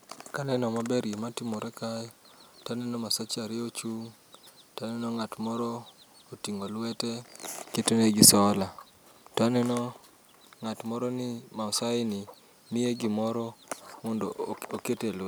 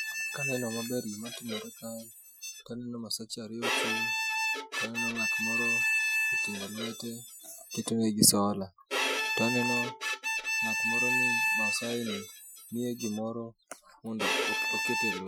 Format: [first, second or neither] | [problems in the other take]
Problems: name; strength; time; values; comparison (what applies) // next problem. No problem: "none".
first | noise reduction (classical method Wiener filter)